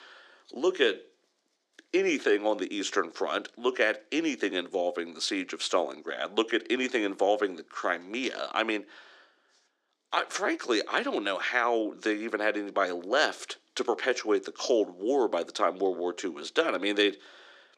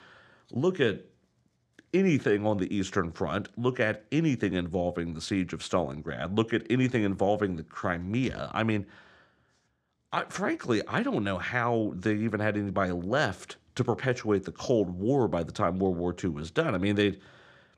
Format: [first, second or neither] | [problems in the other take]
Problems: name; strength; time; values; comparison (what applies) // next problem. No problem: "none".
second | thin; somewhat; fading below 300 Hz